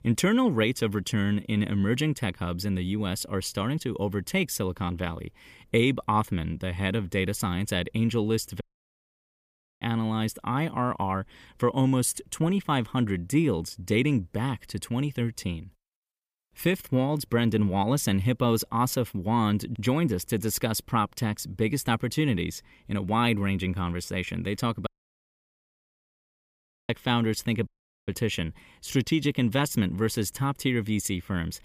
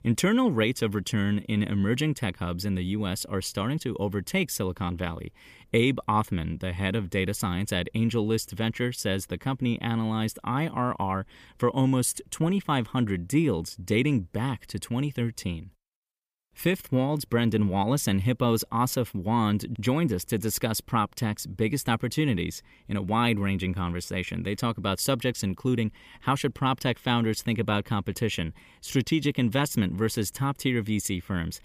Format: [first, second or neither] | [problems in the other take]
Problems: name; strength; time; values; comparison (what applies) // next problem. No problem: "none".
second | audio cutting out; at 8.5 s for 1 s, at 25 s for 2 s and at 28 s